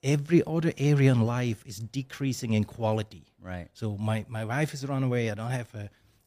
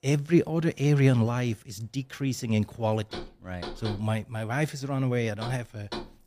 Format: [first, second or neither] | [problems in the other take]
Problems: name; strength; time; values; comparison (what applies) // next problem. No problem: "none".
first | door banging; faint; from 3 s on; peak 10 dB below the speech